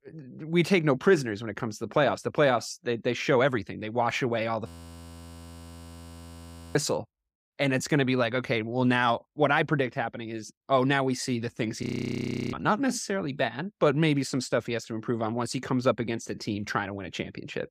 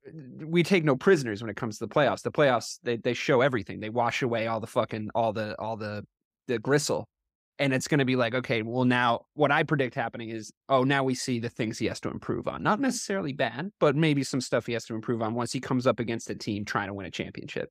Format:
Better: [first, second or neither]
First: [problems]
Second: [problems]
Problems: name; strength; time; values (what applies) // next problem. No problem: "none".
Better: second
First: audio freezing; at 4.5 s for 2 s and at 12 s for 0.5 s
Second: none